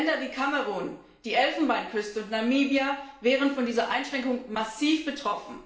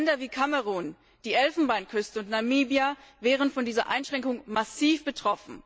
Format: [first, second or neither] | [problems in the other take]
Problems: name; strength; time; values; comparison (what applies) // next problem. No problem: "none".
second | room echo; dies away in 0.6 s